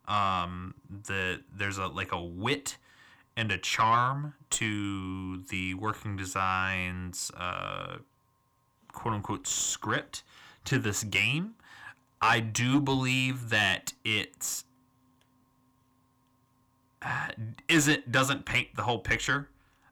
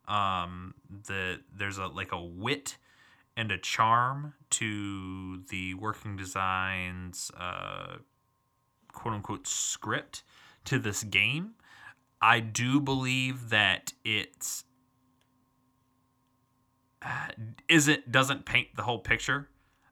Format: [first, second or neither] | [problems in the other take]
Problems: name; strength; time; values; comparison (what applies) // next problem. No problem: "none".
second | distortion; slight; 10 dB below the speech